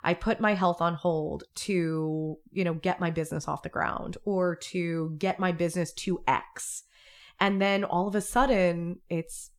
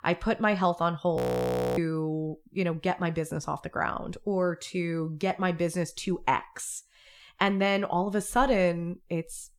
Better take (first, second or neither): first